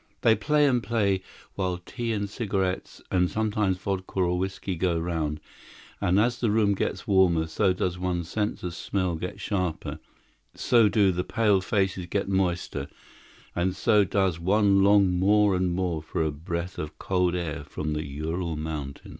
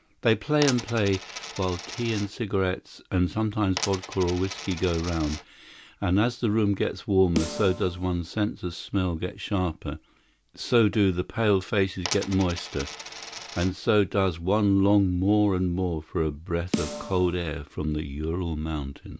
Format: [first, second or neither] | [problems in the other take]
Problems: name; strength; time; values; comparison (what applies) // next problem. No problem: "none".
first | background sound (Snare drum + Coin (dropping)); 11 dB below the speech